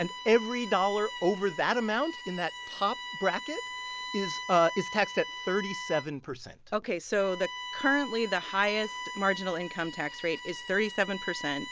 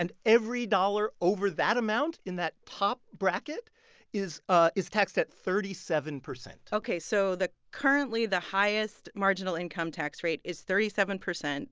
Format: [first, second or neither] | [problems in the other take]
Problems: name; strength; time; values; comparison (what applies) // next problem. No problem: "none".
second | background sound (Bowed string instrument); 10 dB below the speech